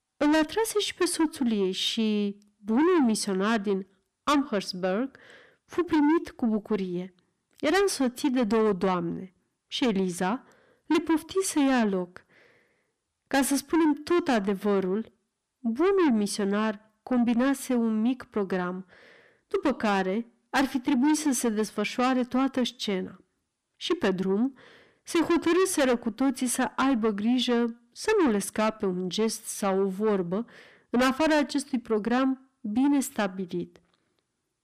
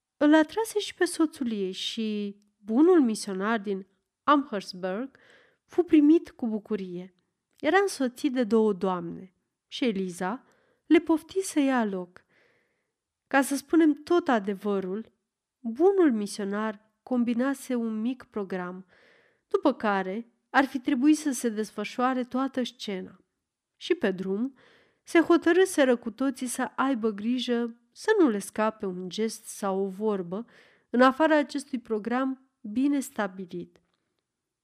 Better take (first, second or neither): second